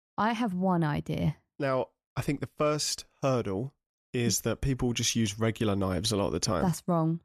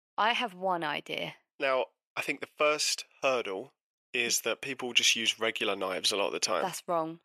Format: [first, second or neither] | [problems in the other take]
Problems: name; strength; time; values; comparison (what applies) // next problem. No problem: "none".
first | thin; very; fading below 500 Hz